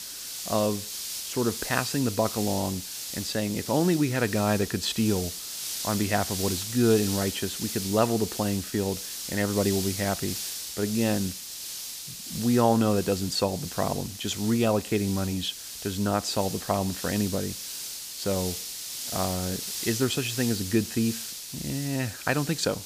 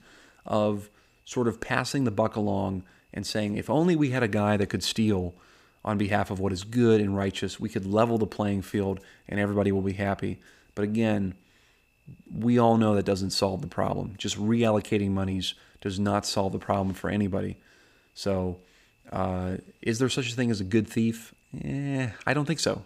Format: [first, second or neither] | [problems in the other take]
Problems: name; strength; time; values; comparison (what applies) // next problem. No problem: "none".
second | hiss; loud; throughout; 6 dB below the speech